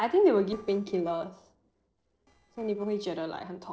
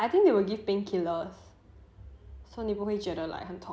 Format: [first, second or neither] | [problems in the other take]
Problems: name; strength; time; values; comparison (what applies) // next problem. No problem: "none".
second | noise reduction (neural separator model SepFormer DNS4)